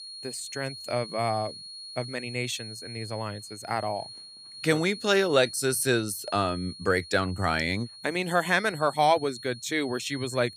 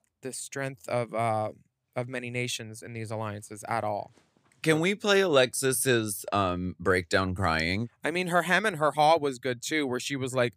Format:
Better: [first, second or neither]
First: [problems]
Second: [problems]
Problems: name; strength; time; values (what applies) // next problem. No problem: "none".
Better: second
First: high-pitched whine; noticeable; throughout; 4.5 kHz, 15 dB below the speech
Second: none